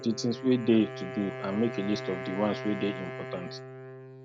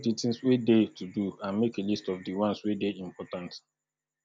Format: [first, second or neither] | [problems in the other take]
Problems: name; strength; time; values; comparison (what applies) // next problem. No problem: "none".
second | background sound (Wind instrument, woodwind instrument); 9 dB below the speech